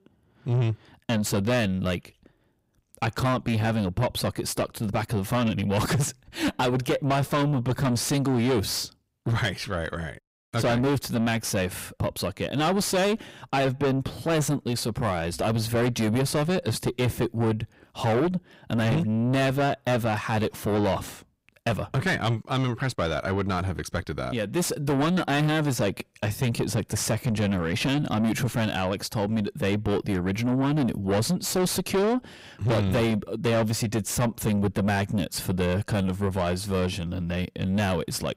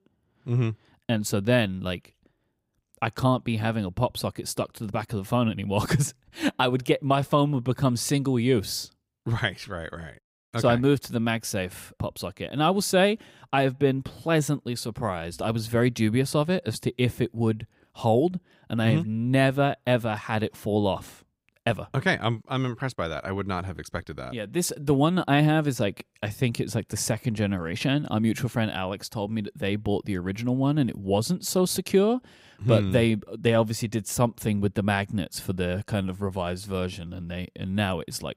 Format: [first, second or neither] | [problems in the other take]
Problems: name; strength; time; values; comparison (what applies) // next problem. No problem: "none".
second | distortion; heavy; 6 dB below the speech